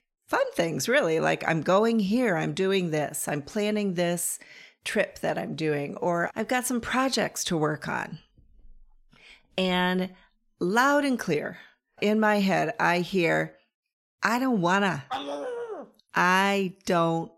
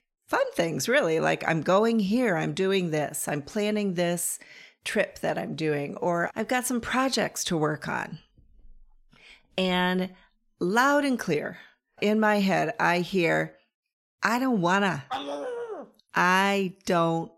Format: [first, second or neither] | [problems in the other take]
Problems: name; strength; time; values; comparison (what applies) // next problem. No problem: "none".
neither | dog barking; noticeable; at 15 s; peak 7 dB below the speech; the same in both